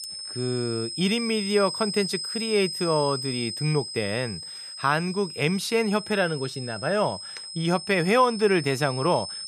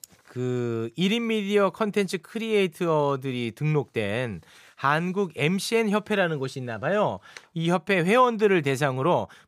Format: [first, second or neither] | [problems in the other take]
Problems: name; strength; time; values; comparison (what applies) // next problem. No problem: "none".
second | high-pitched whine; loud; throughout; 5 kHz, 7 dB below the speech